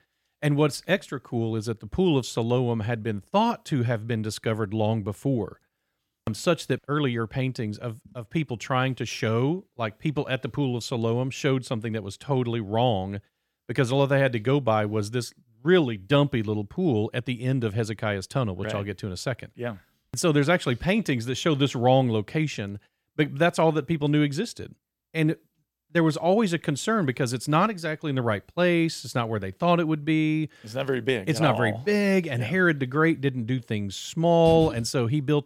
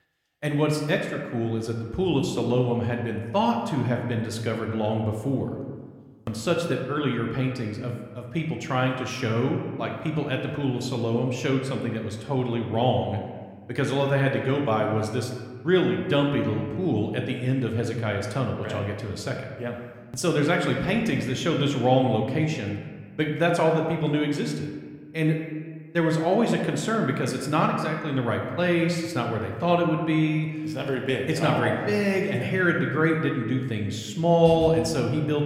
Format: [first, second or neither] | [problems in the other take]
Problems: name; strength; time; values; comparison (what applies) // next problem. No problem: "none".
first | room echo; slight; dies away in 1.3 s